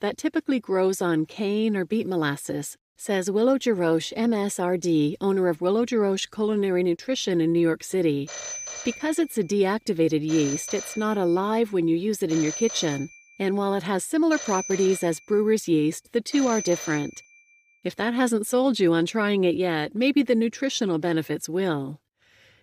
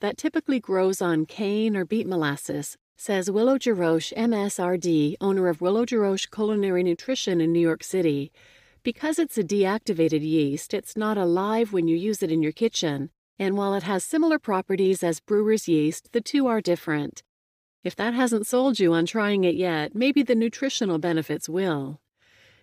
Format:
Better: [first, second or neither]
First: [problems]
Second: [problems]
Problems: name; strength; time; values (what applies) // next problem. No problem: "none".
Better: second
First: phone ringing; noticeable; from 8.5 to 17 s; peak 7 dB below the speech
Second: none